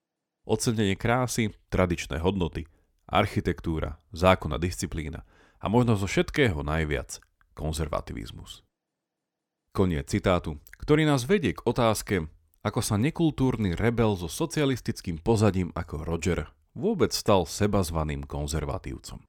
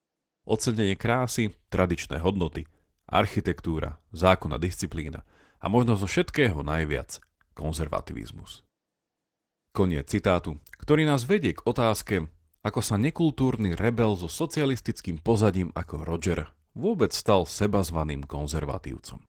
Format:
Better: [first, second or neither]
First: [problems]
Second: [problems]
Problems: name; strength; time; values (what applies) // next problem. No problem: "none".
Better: first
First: none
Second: garbled, watery; slightly; nothing above 18.5 kHz